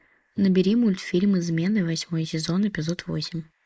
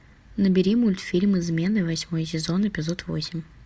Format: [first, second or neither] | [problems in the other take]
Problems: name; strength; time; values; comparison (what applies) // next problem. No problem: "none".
second | noise reduction (neural mask model Resemble Enhance denoiser)